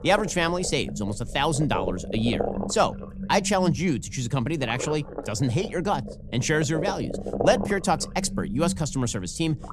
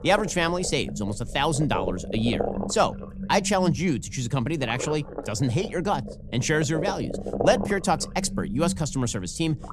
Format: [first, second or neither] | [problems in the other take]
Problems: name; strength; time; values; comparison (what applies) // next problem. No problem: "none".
neither | low rumble; loud; throughout; 9 dB below the speech; the same in both